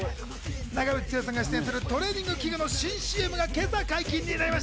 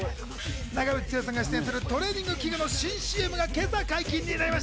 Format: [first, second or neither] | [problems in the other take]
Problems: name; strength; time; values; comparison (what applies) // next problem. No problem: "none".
first | background sound (Gong); 19 dB below the speech